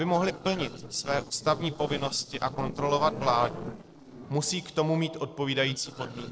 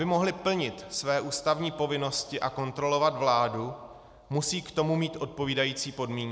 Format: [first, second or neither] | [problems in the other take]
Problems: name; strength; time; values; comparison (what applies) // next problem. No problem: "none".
second | noise reduction (neural separator model SepFormer DNS4)